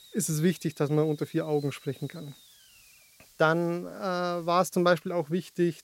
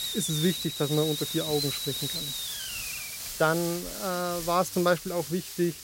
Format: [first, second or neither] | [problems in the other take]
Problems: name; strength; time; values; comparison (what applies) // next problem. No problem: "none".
first | hiss; loud; throughout; 4 dB below the speech; faint in the first